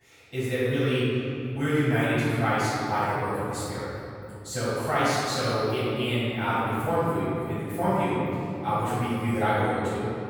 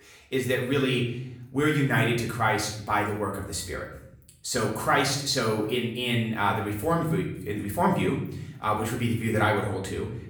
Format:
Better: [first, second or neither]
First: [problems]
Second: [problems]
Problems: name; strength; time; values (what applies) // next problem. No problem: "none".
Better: second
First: room echo; strong; dies away in 3 s // off-mic speech; far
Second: room echo; slight; dies away in 0.8 s // off-mic speech; far